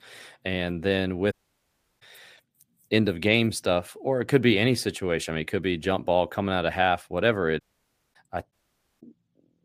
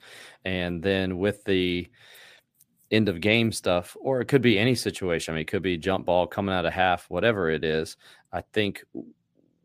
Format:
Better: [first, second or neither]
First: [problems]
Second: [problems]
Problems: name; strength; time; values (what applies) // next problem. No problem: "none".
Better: second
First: audio cutting out; at 1.5 s for 0.5 s, at 7.5 s for 0.5 s and at 8.5 s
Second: none